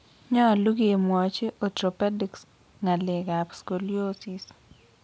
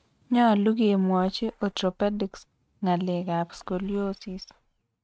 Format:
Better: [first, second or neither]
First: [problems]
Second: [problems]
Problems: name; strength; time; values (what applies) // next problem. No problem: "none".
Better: first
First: none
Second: noise reduction (neural mask model RNNoise)